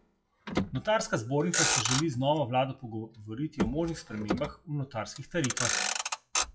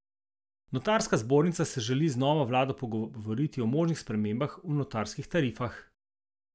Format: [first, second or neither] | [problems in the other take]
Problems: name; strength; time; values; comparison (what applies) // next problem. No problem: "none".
second | noise reduction (classical method WPE with log-MMSE)